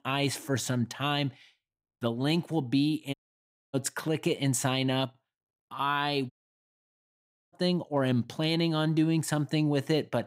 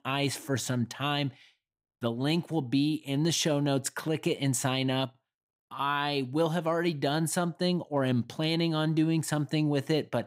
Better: second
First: audio cutting out; at 3 s for 0.5 s and at 6.5 s for 1 s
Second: none

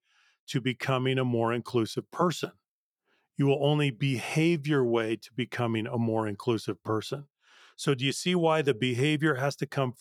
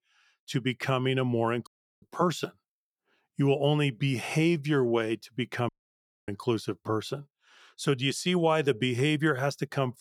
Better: first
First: none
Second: audio cutting out; at 1.5 s and at 5.5 s for 0.5 s

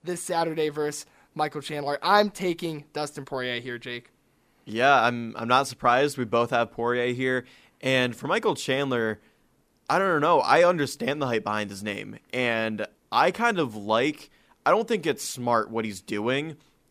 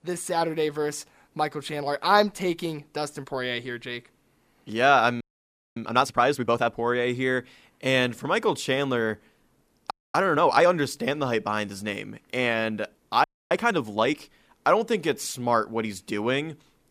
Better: first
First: none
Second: audio freezing; at 5 s for 0.5 s, at 10 s and at 13 s

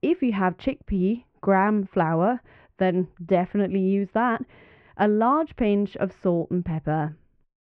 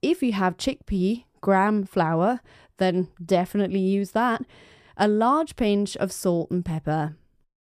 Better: second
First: muffled; very; fading above 2.5 kHz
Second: none

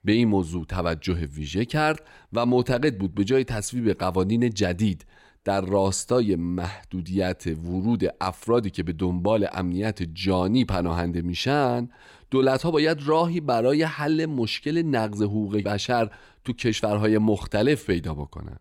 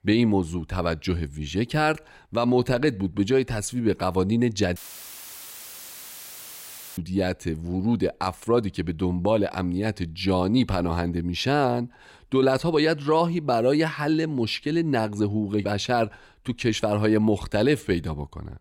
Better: first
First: none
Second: audio cutting out; filled with static; at 5 s for 2 s

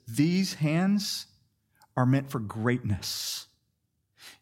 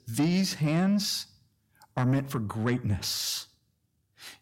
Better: first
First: none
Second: distortion; slight; 10 dB below the speech

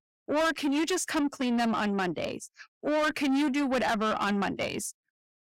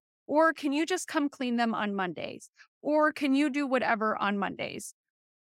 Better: second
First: distortion; heavy; 7 dB below the speech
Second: none

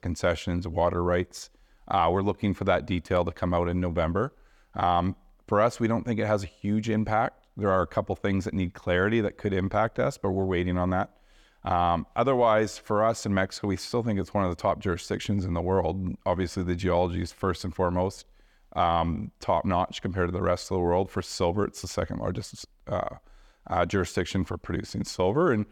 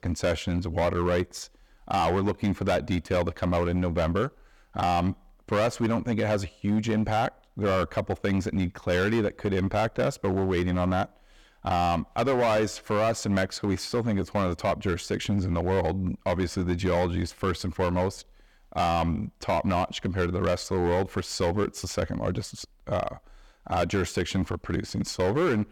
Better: first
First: none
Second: distortion; slight; 10% of the sound clipped

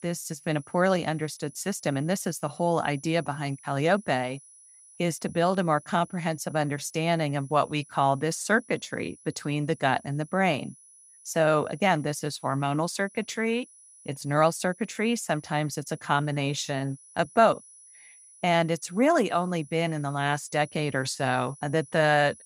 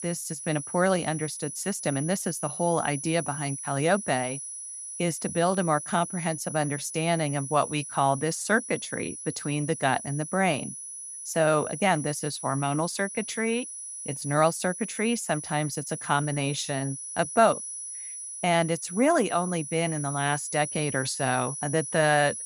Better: first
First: high-pitched whine; faint; throughout; 10 kHz, 25 dB below the speech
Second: high-pitched whine; loud; throughout; 10 kHz, 8 dB below the speech

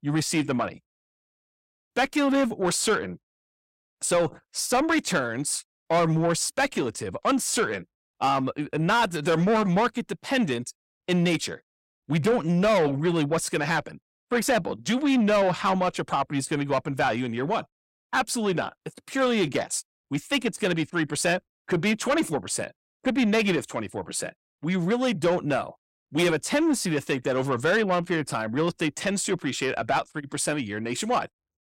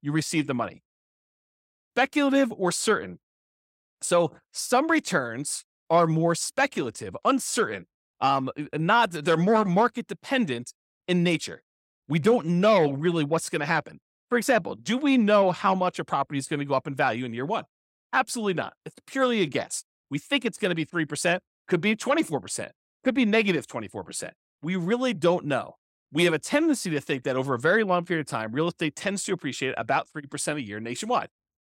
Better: second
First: distortion; slight; 10 dB below the speech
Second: none

